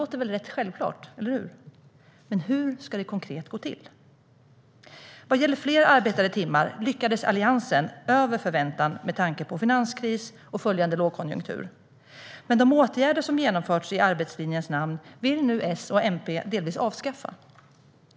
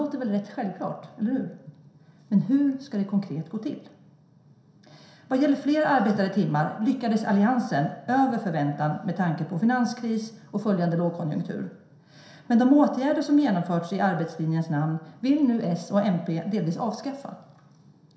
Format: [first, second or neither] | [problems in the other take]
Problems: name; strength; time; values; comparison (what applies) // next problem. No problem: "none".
first | room echo; dies away in 0.7 s